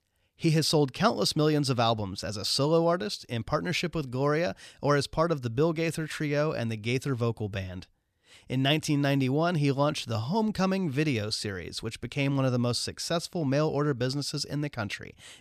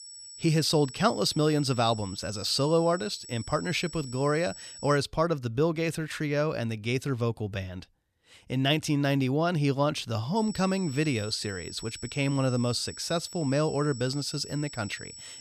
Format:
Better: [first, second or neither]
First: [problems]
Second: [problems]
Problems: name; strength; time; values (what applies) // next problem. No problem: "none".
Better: first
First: none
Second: high-pitched whine; noticeable; until 5 s and from 10 s on; 8 kHz, 15 dB below the speech